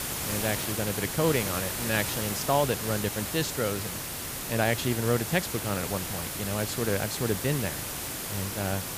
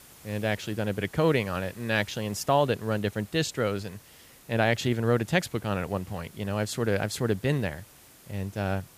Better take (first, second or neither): second